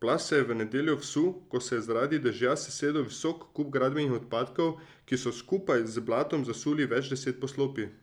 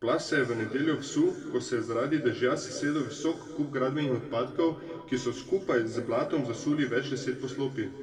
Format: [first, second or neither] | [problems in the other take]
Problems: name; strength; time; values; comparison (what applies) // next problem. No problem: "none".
first | room echo; dies away in 2.1 s